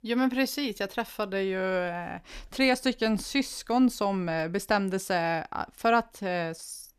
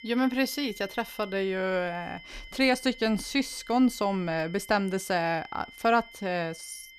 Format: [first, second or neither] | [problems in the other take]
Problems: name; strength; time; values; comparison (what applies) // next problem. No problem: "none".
first | high-pitched whine; noticeable; throughout; 2 kHz, 20 dB below the speech